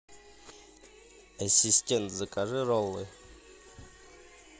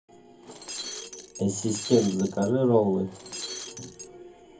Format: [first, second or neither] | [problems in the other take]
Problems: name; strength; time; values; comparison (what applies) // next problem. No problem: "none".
first | background sound (Shatter); 12 dB below the speech // room echo; dies away in 0.3 s